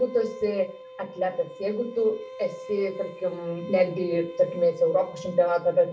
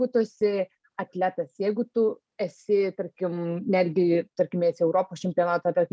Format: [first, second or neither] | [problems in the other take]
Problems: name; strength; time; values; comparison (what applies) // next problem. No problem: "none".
second | background sound (Bowed string instrument); 15 dB below the speech // room echo; dies away in 0.3 s